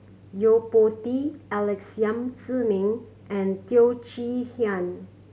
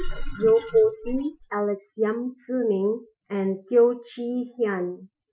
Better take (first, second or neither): first